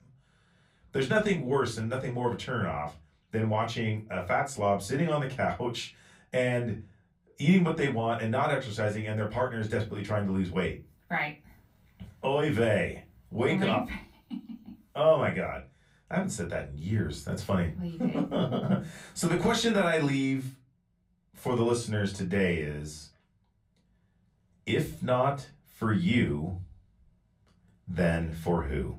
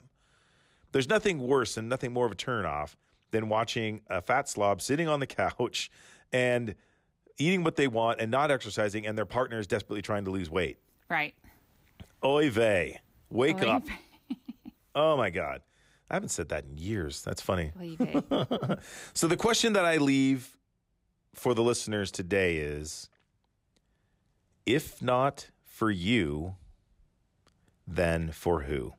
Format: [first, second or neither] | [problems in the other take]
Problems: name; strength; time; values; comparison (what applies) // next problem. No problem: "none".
second | off-mic speech; far // room echo; very slight; dies away in 0.3 s